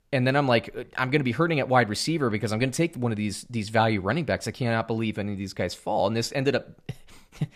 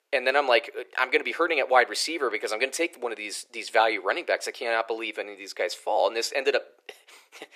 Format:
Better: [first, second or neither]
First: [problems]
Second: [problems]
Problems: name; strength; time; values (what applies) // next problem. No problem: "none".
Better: first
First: none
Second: thin; very; fading below 350 Hz